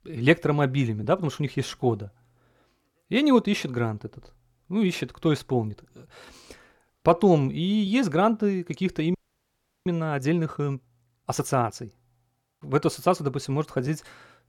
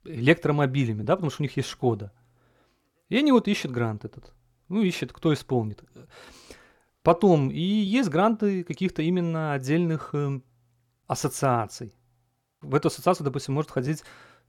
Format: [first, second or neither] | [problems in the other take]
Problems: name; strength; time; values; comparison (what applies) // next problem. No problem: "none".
second | audio freezing; at 9 s for 0.5 s